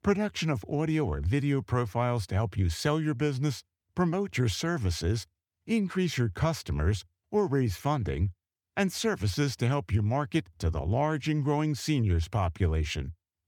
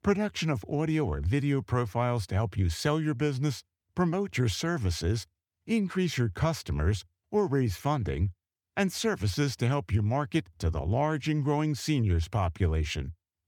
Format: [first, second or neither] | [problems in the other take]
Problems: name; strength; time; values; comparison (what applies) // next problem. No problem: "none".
neither | none